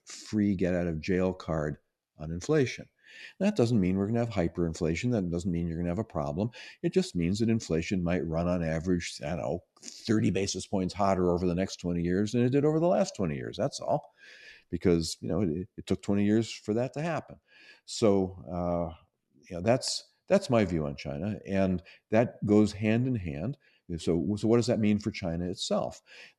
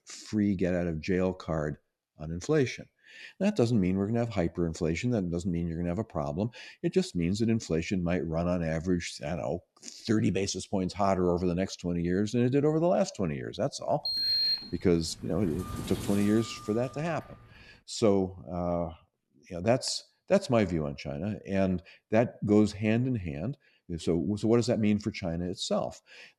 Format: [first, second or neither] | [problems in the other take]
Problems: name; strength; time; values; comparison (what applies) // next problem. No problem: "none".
first | door banging; loud; from 14 to 17 s; peak 5 dB above the speech